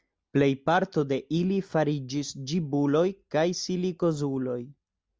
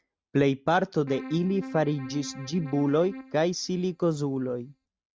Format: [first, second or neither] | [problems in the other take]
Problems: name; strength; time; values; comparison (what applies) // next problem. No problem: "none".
first | noise reduction (neural mask model RNNoise)